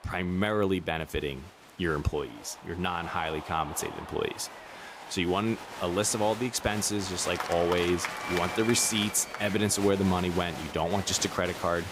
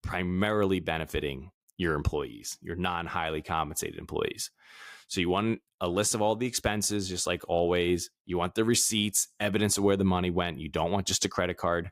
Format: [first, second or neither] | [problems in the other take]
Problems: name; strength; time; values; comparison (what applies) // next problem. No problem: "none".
second | crowd noise; loud; throughout; 9 dB below the speech